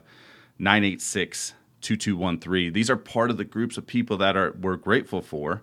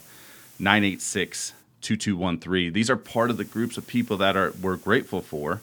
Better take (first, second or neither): first